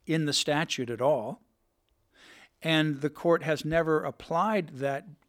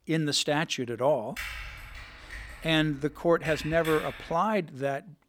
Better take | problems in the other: first | keyboard typing; noticeable; from 1.5 to 4.5 s; peak 8 dB below the speech

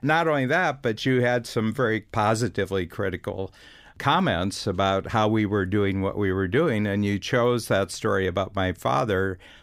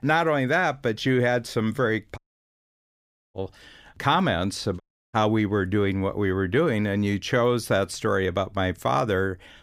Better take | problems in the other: first | audio cutting out; at 2 s for 1 s and at 5 s

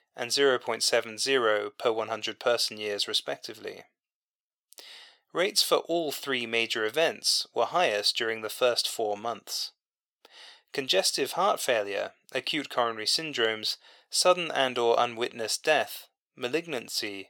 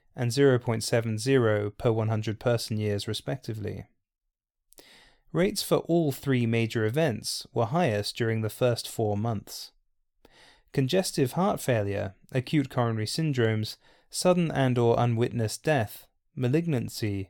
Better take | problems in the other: second | thin; very; fading below 550 Hz

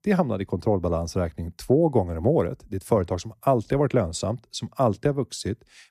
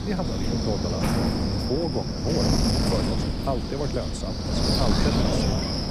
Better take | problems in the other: first | wind noise on the microphone; heavy; 4 dB above the speech

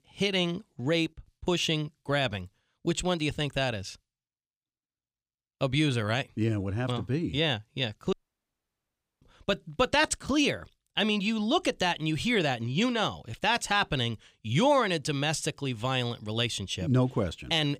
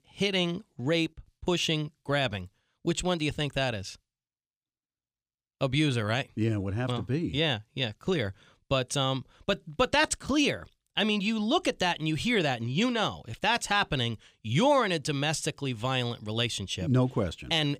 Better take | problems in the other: second | audio cutting out; at 8 s for 1 s

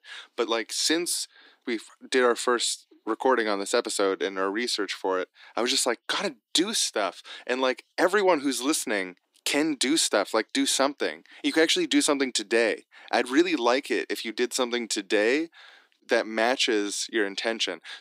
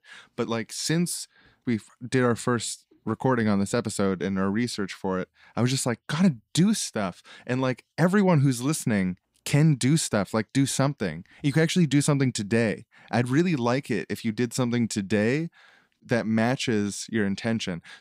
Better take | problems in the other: second | thin; somewhat; fading below 300 Hz

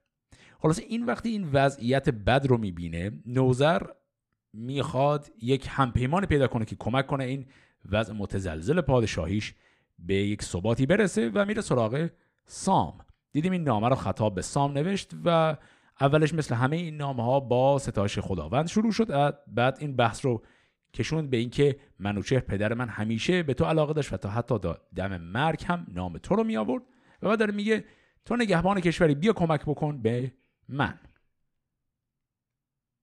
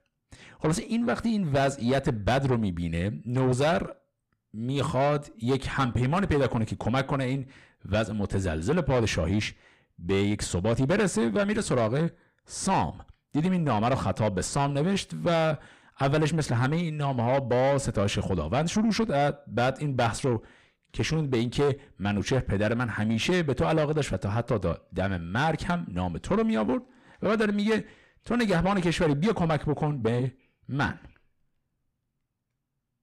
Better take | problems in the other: first | distortion; heavy; 7 dB below the speech

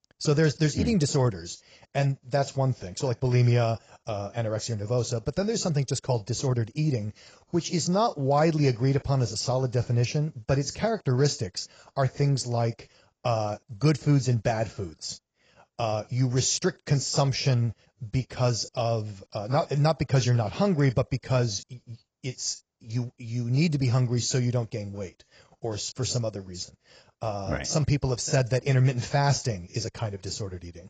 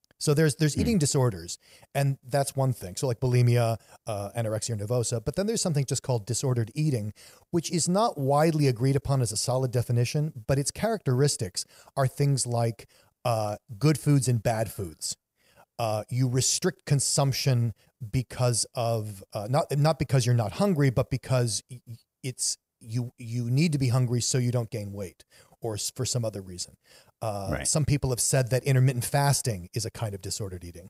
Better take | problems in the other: second | garbled, watery; badly; nothing above 7.5 kHz

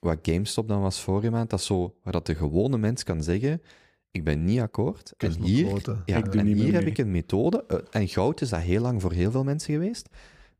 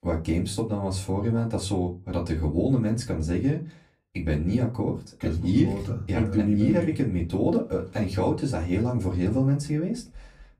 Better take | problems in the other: first | off-mic speech; far // room echo; very slight; dies away in 0.2 s

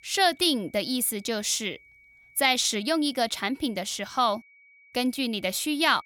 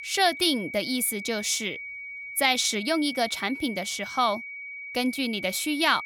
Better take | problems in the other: first | high-pitched whine; loud; throughout; 2.5 kHz, 10 dB below the speech; faint in the first

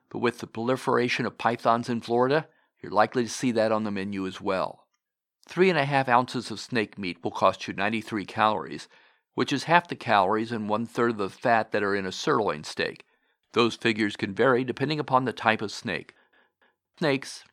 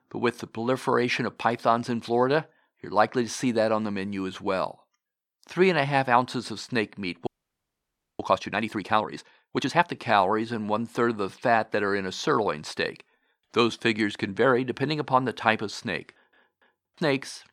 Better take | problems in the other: first | audio freezing; at 7.5 s for 1 s

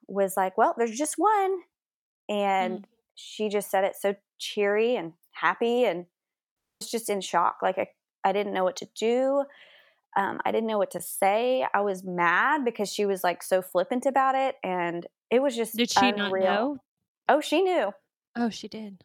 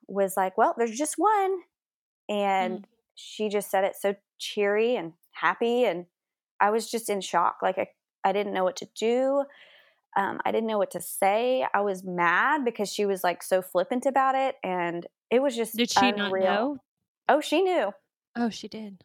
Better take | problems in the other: second | audio cutting out; at 6.5 s

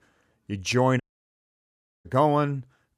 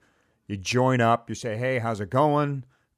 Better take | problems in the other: second | audio cutting out; at 1 s for 1 s

